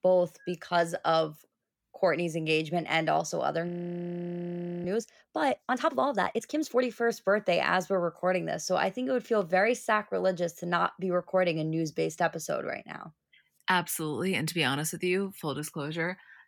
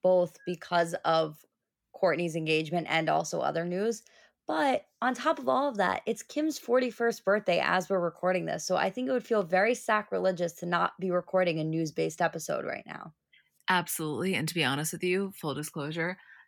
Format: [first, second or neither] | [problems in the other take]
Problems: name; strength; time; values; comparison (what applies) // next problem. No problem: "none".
second | audio freezing; at 3.5 s for 1 s